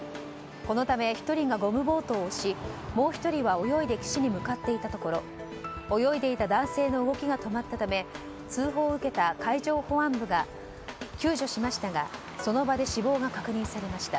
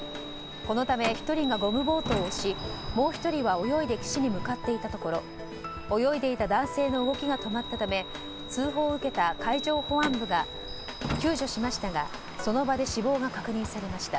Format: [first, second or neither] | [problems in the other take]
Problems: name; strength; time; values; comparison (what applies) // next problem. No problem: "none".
first | background sound (Truck + Chime); 10 dB below the speech